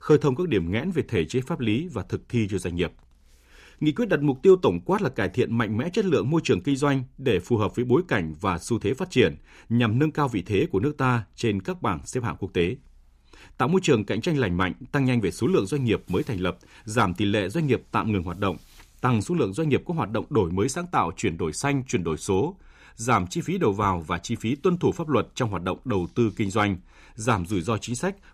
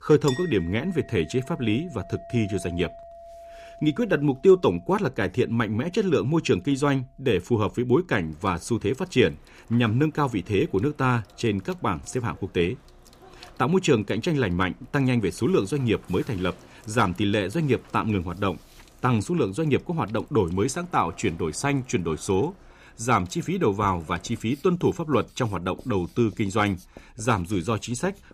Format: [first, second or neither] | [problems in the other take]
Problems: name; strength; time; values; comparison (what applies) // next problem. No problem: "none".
first | household noises; faint; throughout; 25 dB below the speech